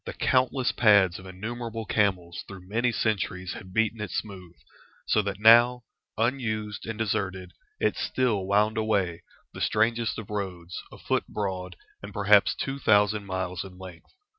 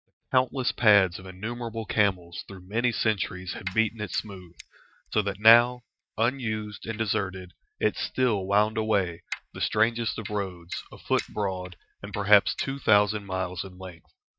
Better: first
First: none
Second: noise reduction (neural mask model DeepFilterNet 3)

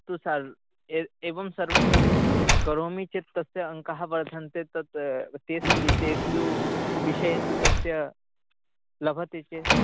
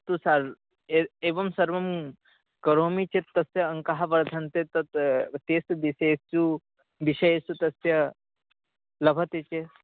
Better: second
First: background sound (Sliding door); 5 dB above the speech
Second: none

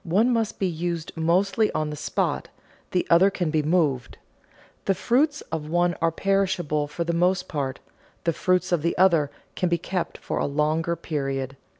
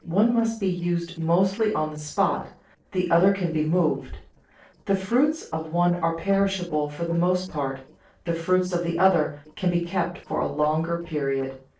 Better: first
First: none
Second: noise reduction (neural separator model SepFormer DNS4)

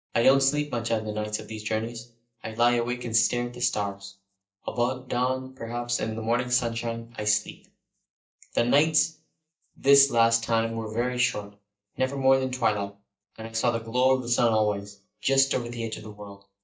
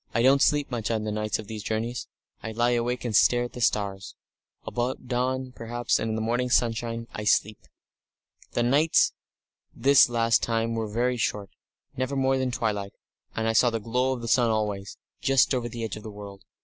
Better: second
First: noise reduction (neural mask model DeepFilterNet 3)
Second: none

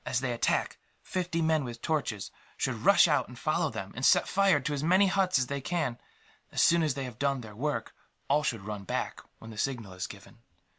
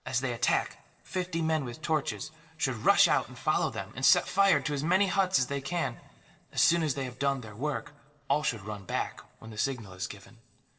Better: first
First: none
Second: noise reduction (neural separator model SepFormer DNS4)

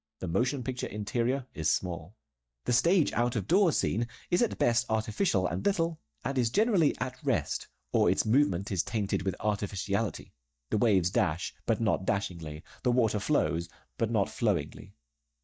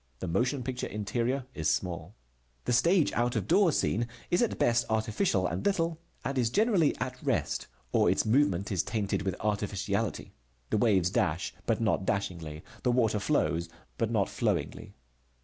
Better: second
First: noise reduction (neural mask model DeepFilterNet 3)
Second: none

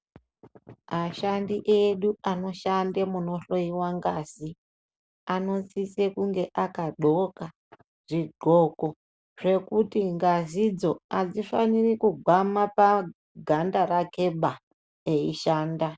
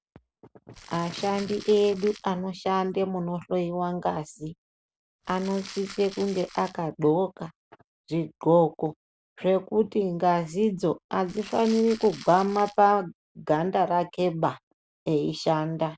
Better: first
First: none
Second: background sound (Crumpling, crinkling); 18 dB below the speech

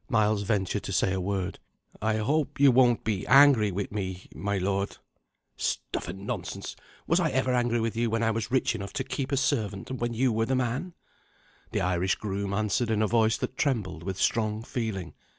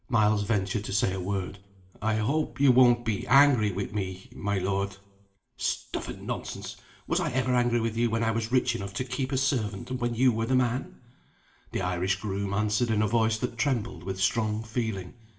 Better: first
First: none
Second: room echo; dies away in 0.5 s

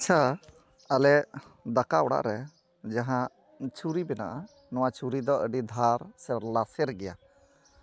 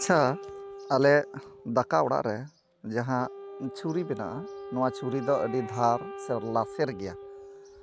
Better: first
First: none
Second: background sound (Wind instrument, woodwind instrument); 13 dB below the speech

